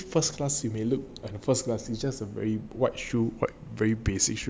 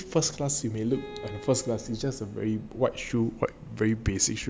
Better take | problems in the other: first | background sound (Bowed string instrument); 19 dB below the speech

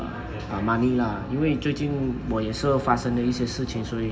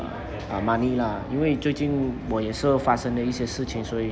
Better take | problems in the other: second | room echo; dies away in 2.9 s

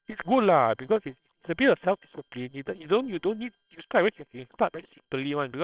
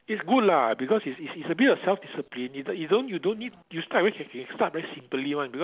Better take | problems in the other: second | noise reduction (neural separator model SepFormer WHAMR!)

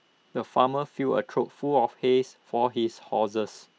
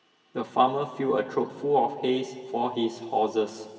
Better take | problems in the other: first | room echo; dies away in 2.2 s

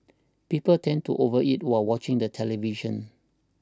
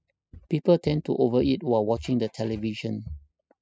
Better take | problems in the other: first | noise reduction (classical method spectral subtraction)

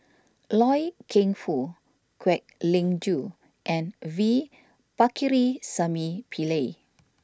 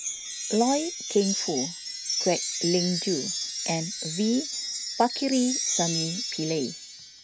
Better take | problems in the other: first | background sound (Wind chime); 4 dB below the speech

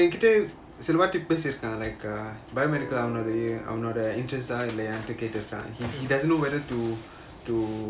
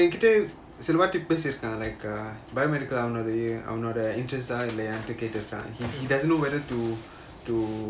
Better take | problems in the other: second | background sound (Guitar); 19 dB below the speech

